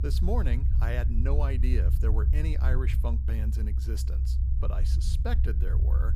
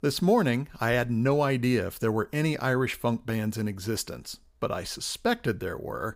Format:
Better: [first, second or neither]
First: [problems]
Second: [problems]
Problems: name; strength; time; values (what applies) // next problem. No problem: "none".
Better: second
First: low rumble; loud; throughout; 6 dB below the speech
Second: none